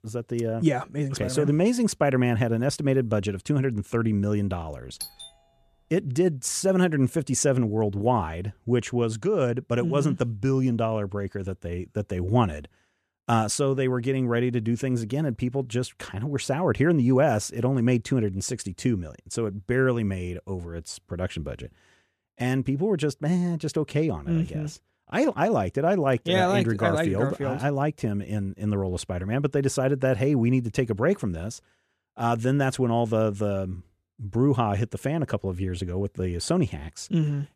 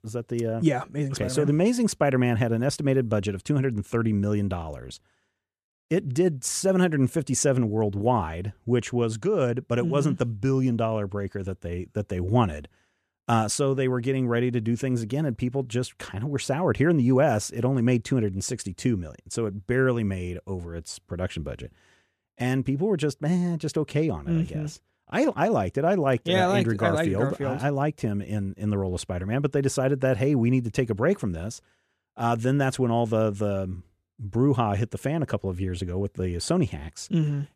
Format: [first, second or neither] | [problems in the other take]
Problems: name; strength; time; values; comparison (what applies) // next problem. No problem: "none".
second | doorbell; faint; at 5 s; peak 10 dB below the speech